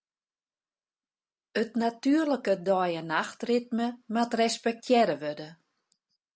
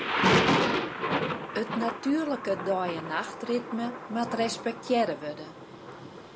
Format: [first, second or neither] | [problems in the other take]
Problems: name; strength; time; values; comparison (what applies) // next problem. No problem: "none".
first | background sound (Thunder); 1 dB above the speech